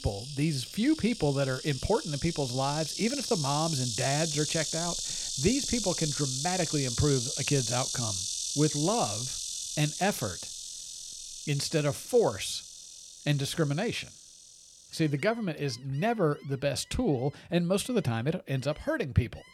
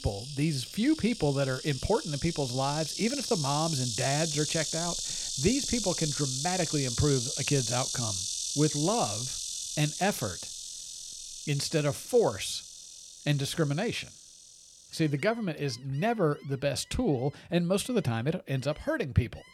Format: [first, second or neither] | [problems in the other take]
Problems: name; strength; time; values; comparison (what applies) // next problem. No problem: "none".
neither | animal sounds; loud; throughout; 3 dB below the speech; the same in both